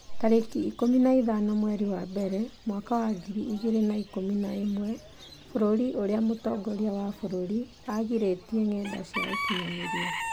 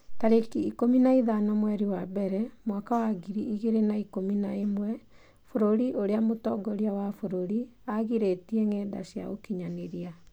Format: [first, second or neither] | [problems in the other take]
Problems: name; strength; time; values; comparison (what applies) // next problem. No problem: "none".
second | background sound (Bird / Chicken, rooster); 13 dB below the speech